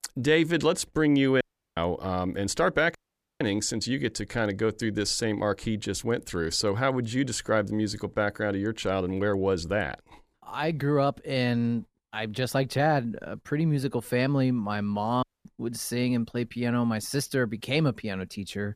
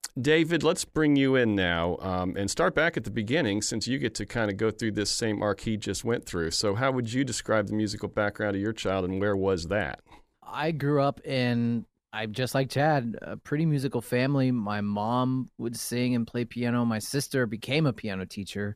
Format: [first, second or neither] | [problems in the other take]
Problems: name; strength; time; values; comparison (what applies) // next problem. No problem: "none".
second | audio cutting out; at 1.5 s, at 3 s and at 15 s